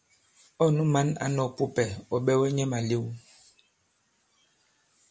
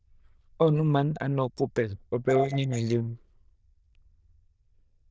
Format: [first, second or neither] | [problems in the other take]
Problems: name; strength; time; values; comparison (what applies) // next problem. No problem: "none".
first | noise reduction (neural diffusion model UNIVERSE++)